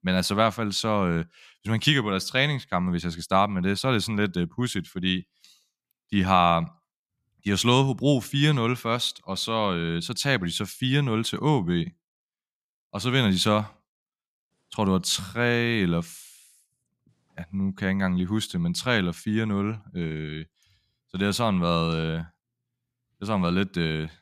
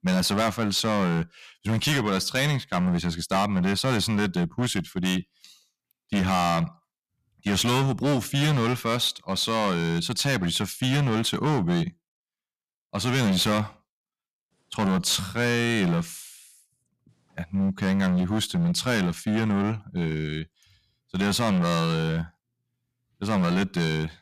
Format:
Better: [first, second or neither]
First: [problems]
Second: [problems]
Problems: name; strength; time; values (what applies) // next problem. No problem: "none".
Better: first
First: none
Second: distortion; heavy; 13% of the sound clipped